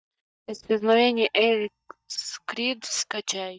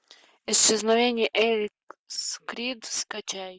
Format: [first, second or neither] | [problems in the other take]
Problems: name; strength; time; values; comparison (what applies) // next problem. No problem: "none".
second | noise reduction (neural mask model DeepFilterNet 3)